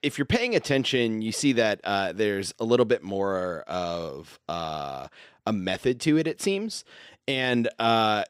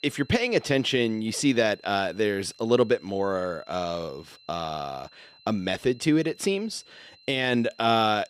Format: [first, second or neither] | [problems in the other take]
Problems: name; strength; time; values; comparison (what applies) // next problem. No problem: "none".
first | high-pitched whine; faint; throughout; 4 kHz, 25 dB below the speech